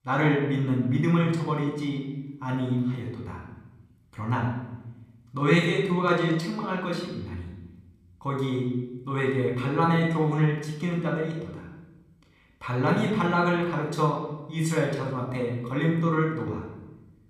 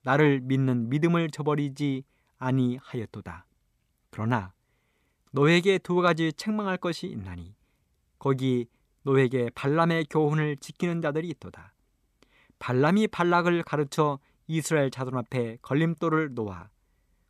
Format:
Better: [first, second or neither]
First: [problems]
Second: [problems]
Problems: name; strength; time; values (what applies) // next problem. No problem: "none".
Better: second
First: off-mic speech; far // room echo; noticeable; dies away in 1 s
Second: none